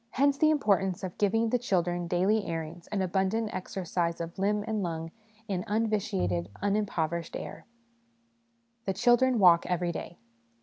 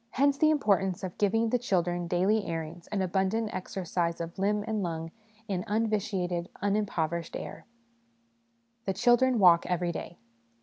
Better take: second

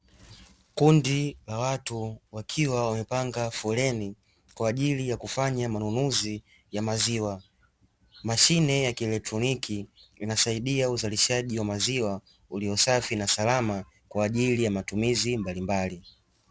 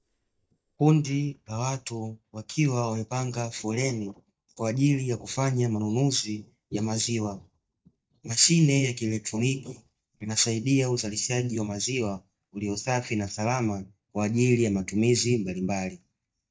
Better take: first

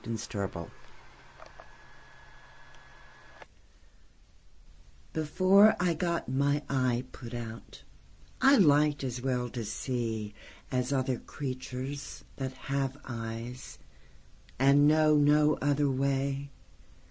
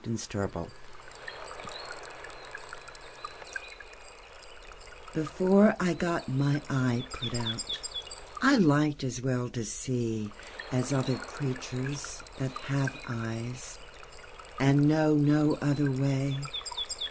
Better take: first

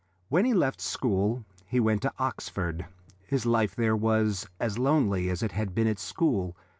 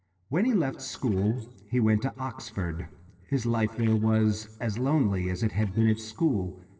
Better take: first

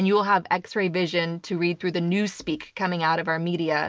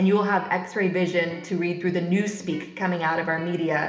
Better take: first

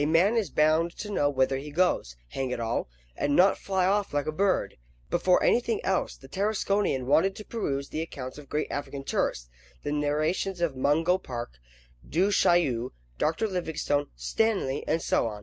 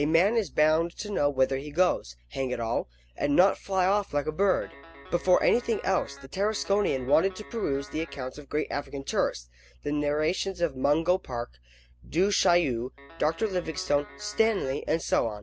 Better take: first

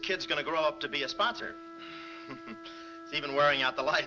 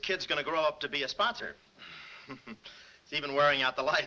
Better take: second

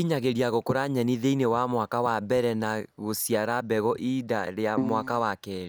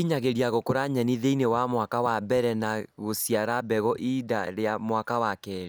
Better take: second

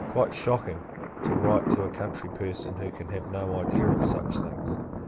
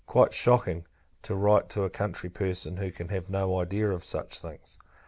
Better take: second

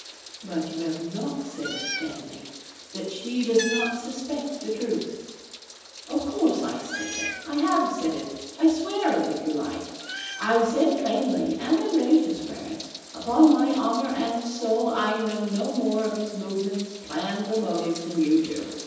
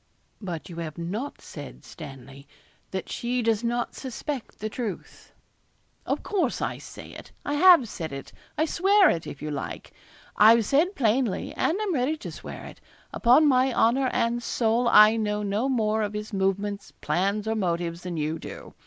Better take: second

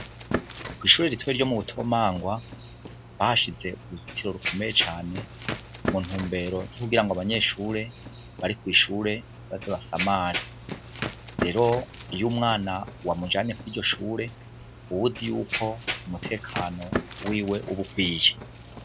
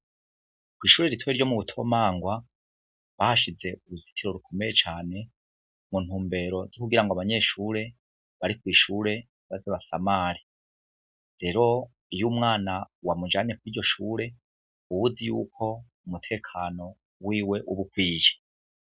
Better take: second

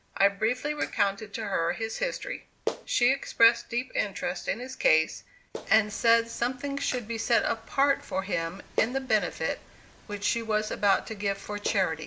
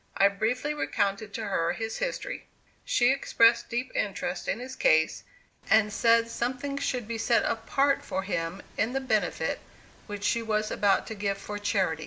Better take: second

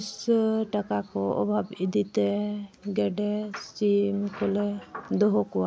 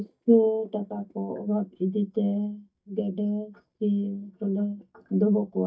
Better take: first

